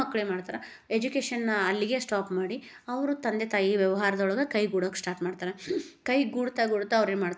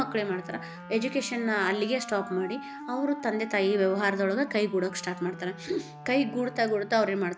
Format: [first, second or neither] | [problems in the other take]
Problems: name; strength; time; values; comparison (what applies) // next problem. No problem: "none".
first | background sound (Wind instrument, woodwind instrument); 14 dB below the speech